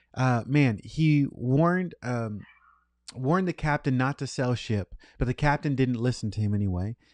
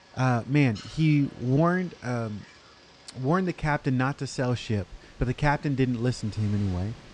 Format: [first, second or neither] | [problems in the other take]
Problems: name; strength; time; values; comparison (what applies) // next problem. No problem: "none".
first | rain or running water; faint; throughout; 25 dB below the speech